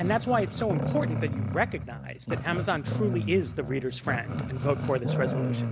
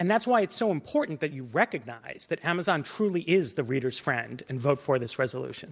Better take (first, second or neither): second